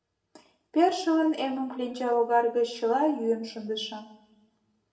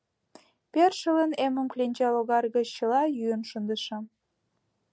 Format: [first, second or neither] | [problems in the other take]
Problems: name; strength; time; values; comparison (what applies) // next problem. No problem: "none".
second | room echo; dies away in 0.6 s